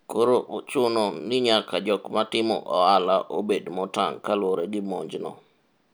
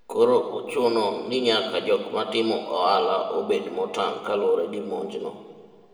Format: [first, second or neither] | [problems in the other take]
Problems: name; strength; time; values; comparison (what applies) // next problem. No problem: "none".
first | room echo; dies away in 1.7 s